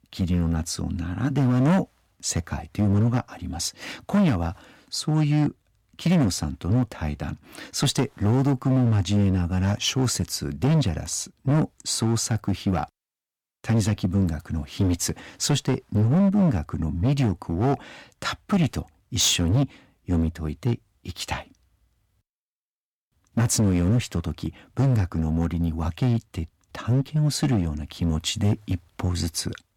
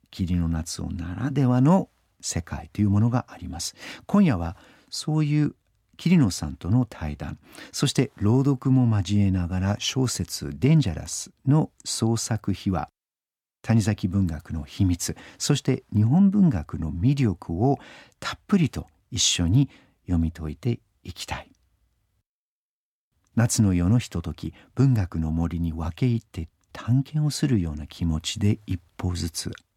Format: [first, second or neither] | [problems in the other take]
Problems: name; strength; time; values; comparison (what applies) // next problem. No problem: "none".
second | distortion; slight; 9% of the sound clipped